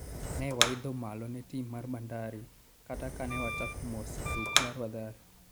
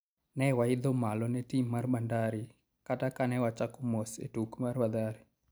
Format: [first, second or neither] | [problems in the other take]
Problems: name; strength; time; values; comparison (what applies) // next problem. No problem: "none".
second | background sound (Fire + Wind instrument, woodwind instrument); 3 dB above the speech